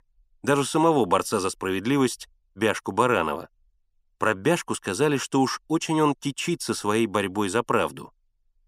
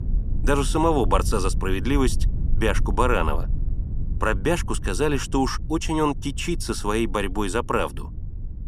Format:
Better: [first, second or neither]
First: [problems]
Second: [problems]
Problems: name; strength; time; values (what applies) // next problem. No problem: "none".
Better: first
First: none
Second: low rumble; faint; throughout; 20 dB below the speech